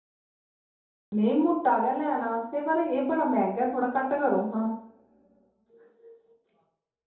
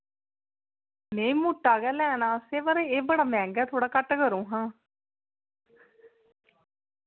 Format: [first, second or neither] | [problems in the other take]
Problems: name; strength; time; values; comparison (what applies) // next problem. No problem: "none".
second | room echo; dies away in 2.8 s